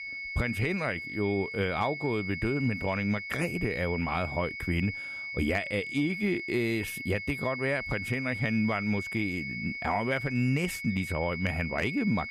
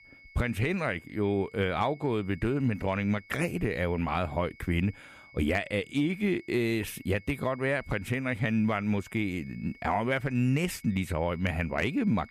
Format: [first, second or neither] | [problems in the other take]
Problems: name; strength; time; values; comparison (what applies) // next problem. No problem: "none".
second | high-pitched whine; loud; throughout; 2 kHz, 5 dB below the speech; faint in the second